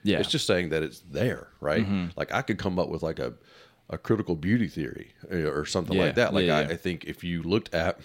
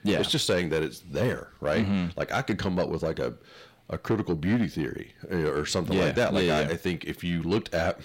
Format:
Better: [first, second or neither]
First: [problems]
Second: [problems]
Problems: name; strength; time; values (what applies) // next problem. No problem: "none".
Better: first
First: none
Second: distortion; slight; 10 dB below the speech